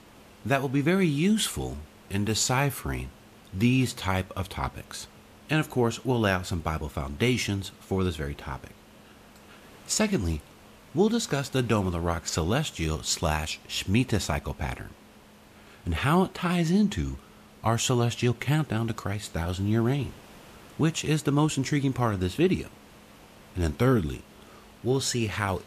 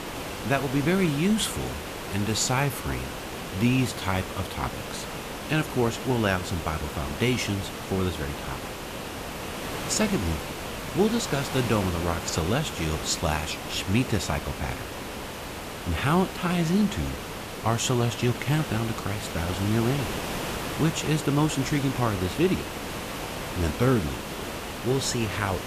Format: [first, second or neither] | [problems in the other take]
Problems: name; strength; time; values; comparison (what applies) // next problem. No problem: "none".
first | hiss; loud; throughout; 7 dB below the speech; faint in the first